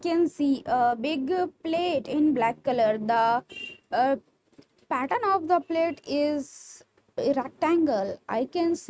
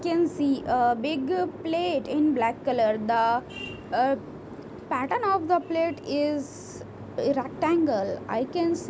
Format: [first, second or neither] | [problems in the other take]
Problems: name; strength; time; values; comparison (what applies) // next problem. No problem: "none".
second | noise reduction (neural mask model RNNoise)